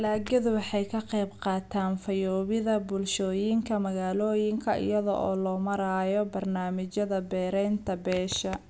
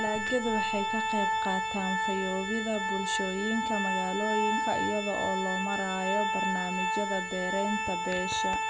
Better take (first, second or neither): first